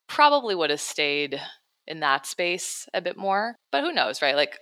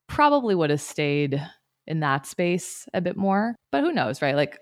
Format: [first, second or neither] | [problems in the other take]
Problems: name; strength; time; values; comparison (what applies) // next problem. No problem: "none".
second | thin; somewhat; fading below 500 Hz